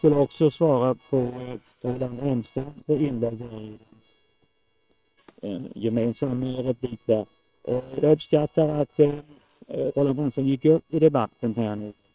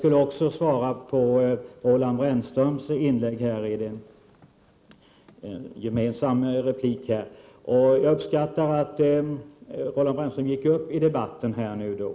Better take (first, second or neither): second